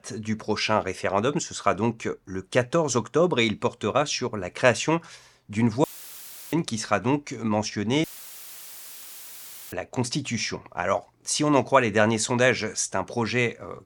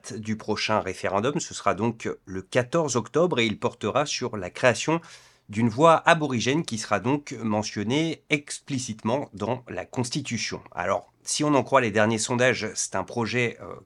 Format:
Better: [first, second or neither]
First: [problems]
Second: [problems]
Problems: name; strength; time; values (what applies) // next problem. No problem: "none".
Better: second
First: audio cutting out; filled with static; at 6 s for 0.5 s and at 8 s for 1.5 s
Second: none